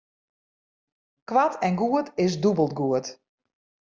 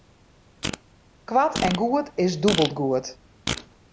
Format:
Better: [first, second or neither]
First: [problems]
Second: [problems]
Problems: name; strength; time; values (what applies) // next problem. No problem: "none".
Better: first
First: none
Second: background sound (Fart); 8 dB below the speech